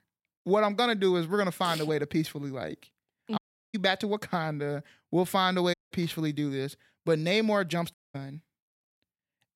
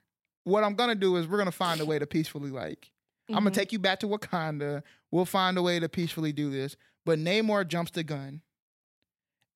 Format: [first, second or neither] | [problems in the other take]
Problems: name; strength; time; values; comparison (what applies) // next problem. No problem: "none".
second | audio cutting out; at 3.5 s, at 5.5 s and at 8 s